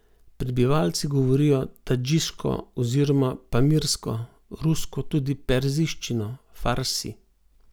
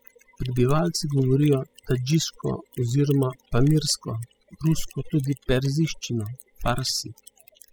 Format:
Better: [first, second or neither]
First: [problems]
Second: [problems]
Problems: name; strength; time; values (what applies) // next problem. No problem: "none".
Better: first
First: none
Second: noise reduction (classical method spectral subtraction)